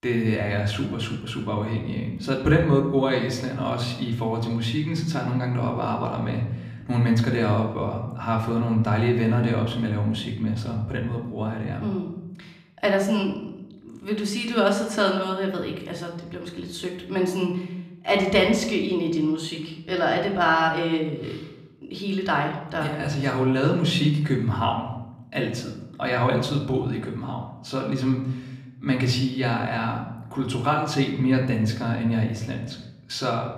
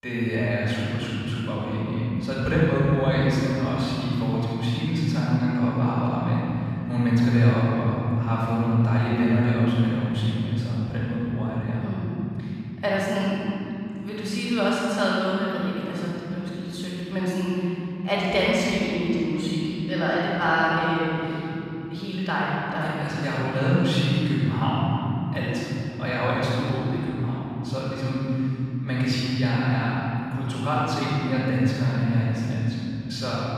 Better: first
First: room echo; slight; dies away in 0.7 s // off-mic speech; far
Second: room echo; strong; dies away in 3 s // off-mic speech; far

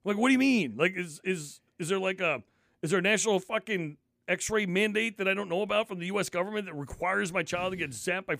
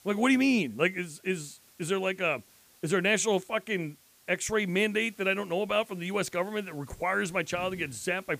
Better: first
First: none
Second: hiss; faint; throughout; 30 dB below the speech

